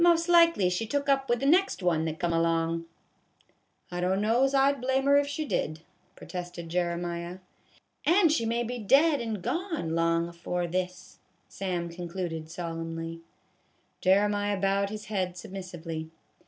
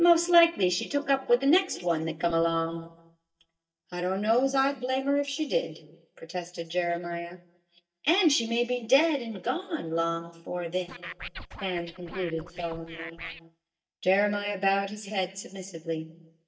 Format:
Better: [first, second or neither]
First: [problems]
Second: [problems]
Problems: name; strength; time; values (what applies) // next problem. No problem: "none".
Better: first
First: none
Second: noise reduction (neural mask model DeepFilterNet 3)